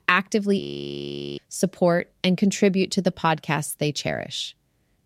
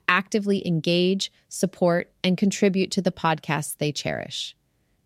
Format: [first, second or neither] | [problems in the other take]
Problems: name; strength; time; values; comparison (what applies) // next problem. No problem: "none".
second | audio freezing; at 0.5 s for 1 s